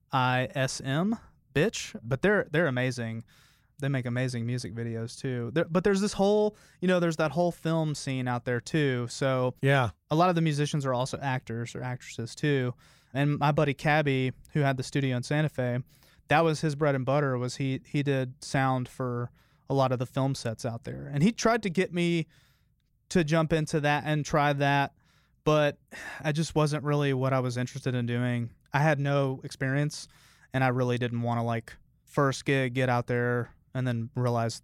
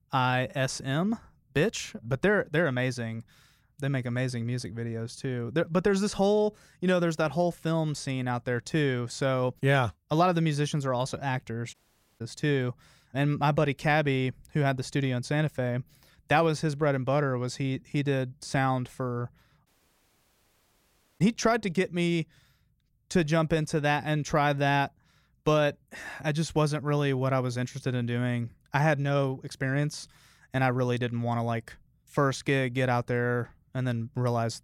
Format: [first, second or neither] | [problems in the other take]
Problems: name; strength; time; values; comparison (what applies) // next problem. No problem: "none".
first | audio cutting out; at 12 s and at 20 s for 1.5 s